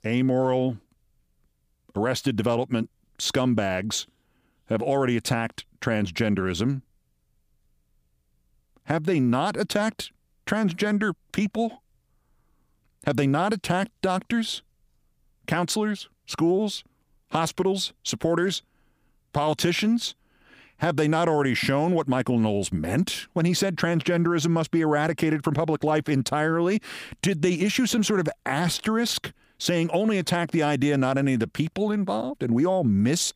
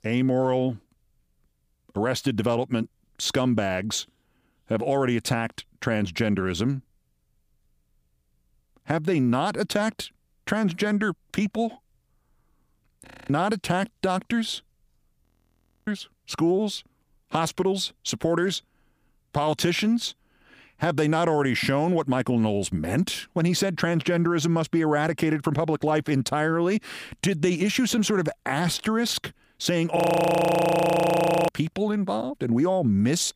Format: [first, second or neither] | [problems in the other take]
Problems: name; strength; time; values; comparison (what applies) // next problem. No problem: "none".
first | audio freezing; at 13 s, at 15 s for 0.5 s and at 30 s for 1.5 s